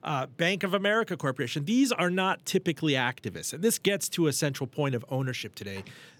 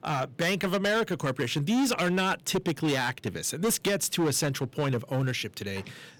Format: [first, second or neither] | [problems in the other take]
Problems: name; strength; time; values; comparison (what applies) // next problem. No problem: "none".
first | distortion; heavy; 13% of the sound clipped